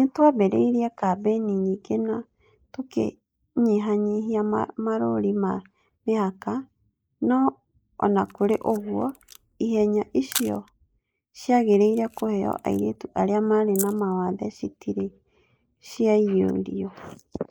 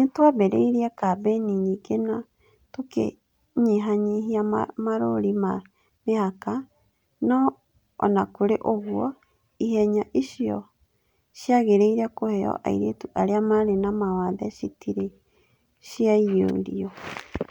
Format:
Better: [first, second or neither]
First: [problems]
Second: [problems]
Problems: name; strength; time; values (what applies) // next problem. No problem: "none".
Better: second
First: noise reduction (neural mask model Resemble Enhance denoiser)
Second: none